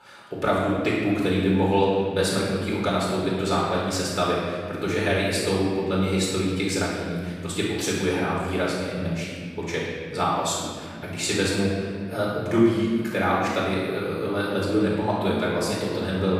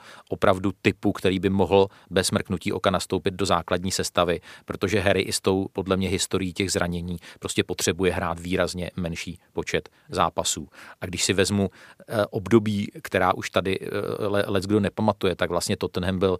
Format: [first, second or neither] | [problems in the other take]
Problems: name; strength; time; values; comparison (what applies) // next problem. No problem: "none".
second | off-mic speech; far // room echo; strong; dies away in 1.8 s